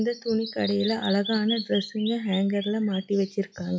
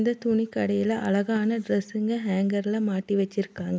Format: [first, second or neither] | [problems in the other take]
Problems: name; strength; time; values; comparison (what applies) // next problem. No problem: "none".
second | noise reduction (classical method log-MMSE)